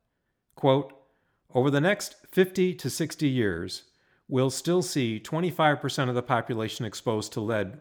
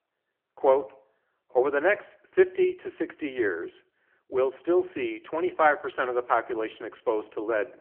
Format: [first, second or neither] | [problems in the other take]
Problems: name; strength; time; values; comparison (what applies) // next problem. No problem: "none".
first | phone-call audio; poor line; nothing above 3 kHz